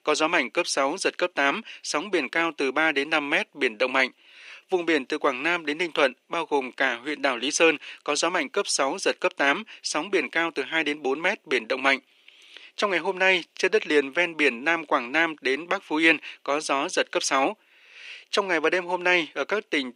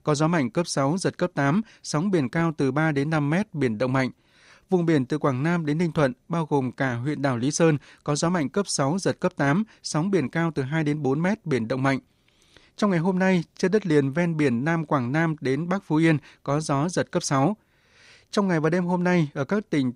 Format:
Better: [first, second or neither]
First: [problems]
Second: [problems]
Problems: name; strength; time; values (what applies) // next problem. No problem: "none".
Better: second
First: thin; somewhat; fading below 350 Hz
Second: none